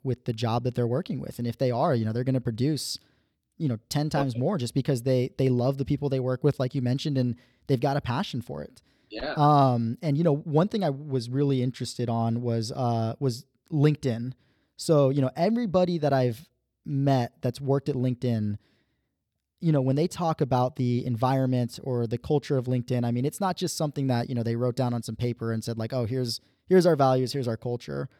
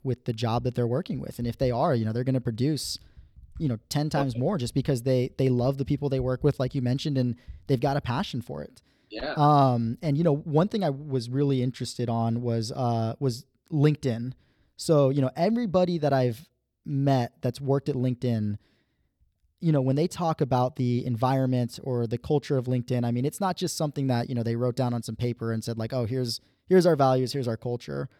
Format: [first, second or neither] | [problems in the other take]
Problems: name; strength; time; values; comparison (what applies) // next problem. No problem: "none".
first | household noises; faint; throughout; 25 dB below the speech